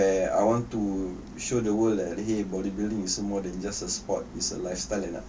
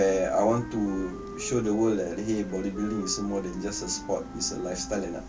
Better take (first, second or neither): first